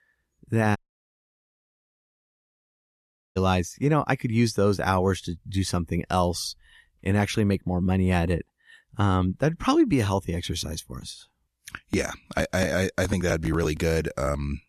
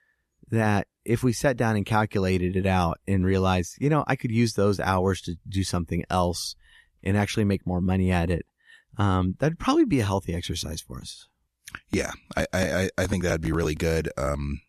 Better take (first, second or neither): second